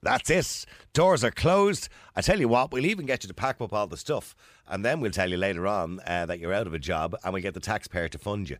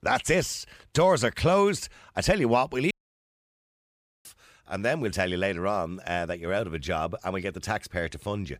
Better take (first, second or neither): first